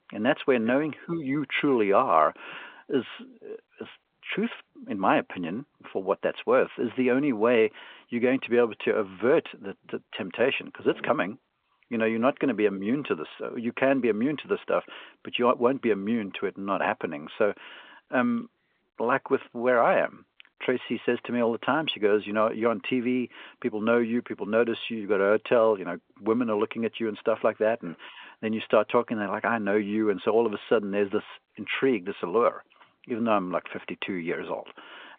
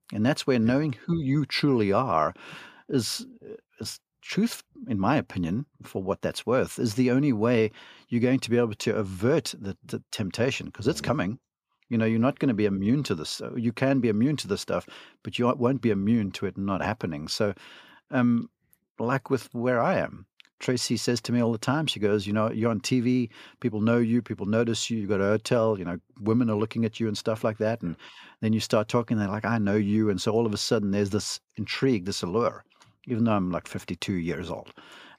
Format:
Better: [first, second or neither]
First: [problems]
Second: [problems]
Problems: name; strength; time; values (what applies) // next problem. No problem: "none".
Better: second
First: phone-call audio; nothing above 3.5 kHz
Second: none